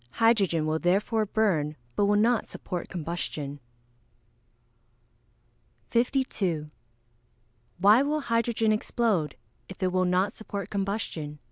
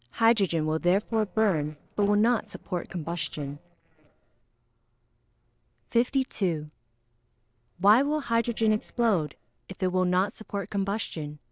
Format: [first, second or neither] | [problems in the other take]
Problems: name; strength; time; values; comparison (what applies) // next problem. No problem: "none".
first | noise reduction (neural separator model SepFormer DNS4)